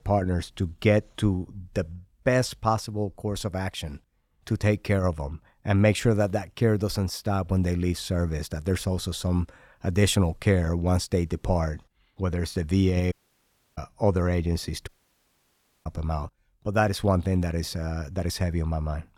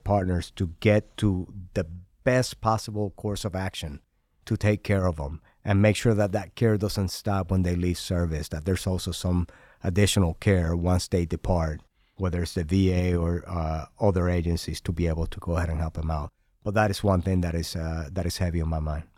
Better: second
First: audio cutting out; at 13 s for 0.5 s and at 15 s for 1 s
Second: none

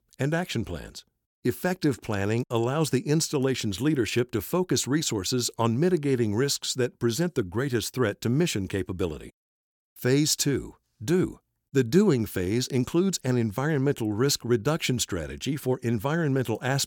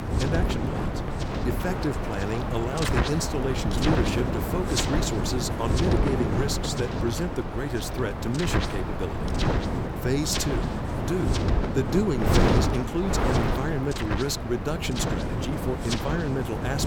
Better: first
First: none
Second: wind noise on the microphone; heavy; 1 dB above the speech

